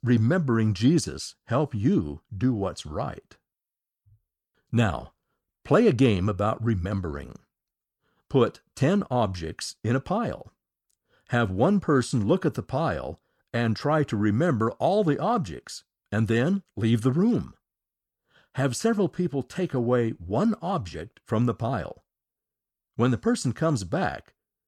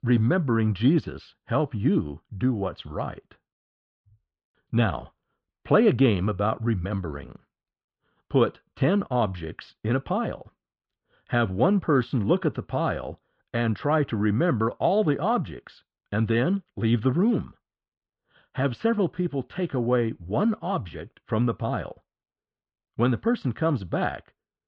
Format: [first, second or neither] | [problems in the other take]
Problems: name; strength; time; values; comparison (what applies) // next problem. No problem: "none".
first | muffled; very; fading above 3.5 kHz